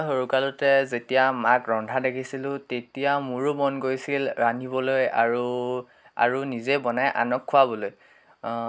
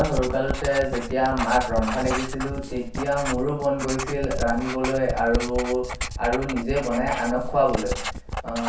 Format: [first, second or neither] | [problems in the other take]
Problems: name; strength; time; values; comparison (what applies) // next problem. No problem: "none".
first | background sound (Writing); 5 dB below the speech // room echo; dies away in 0.6 s